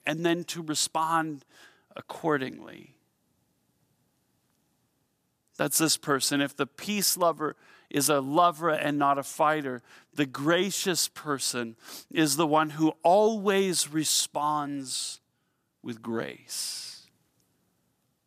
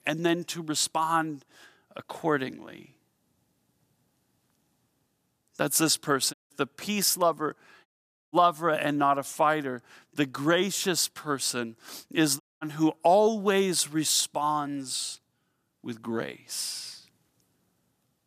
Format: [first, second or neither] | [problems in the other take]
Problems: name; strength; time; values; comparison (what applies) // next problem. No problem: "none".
first | audio cutting out; at 6.5 s, at 8 s and at 12 s